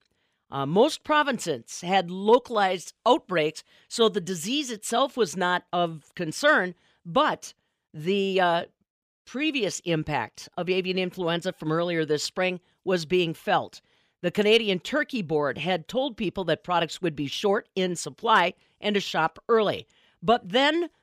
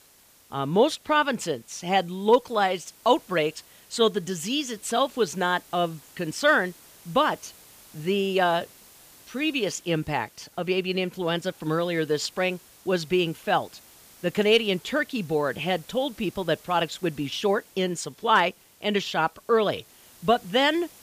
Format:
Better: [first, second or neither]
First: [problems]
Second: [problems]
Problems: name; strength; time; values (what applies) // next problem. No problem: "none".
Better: first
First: none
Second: hiss; faint; throughout; 25 dB below the speech